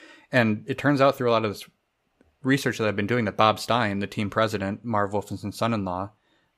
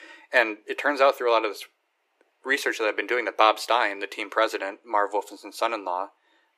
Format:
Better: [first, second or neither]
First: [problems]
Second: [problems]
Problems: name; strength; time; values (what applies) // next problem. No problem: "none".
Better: first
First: none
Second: thin; very; fading below 300 Hz